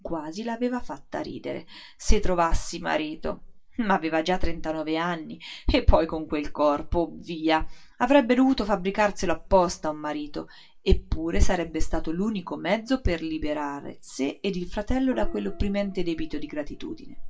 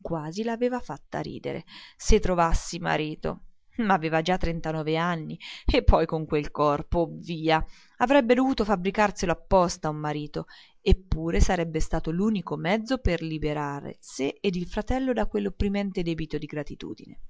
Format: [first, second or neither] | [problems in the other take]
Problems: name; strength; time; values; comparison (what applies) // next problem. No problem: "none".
second | background sound (Gong); 17 dB below the speech // room echo; dies away in 0.2 s